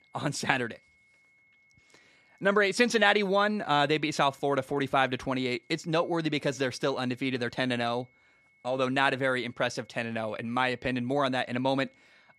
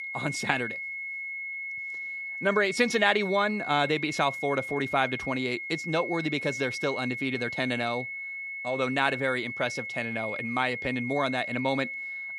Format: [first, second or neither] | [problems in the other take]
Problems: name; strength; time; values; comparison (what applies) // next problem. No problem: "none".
first | high-pitched whine; loud; throughout; 2 kHz, 5 dB below the speech; faint in the first